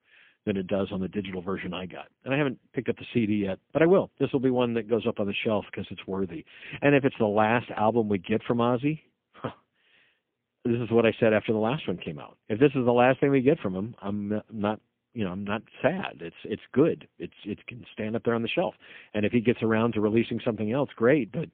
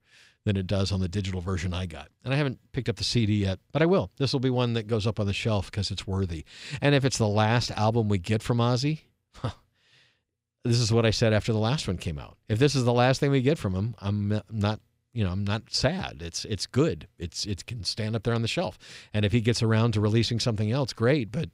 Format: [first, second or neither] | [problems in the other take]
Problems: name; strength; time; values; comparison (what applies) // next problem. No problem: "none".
second | phone-call audio; poor line; nothing above 3.5 kHz